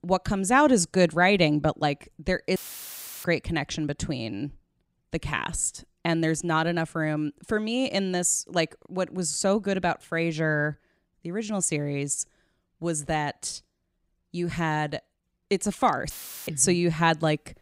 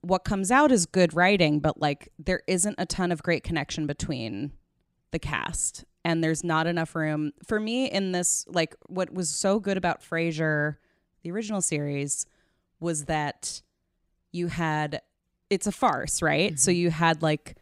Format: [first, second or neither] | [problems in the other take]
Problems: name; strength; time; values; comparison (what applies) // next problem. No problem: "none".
second | audio cutting out; filled with static; at 2.5 s for 0.5 s and at 16 s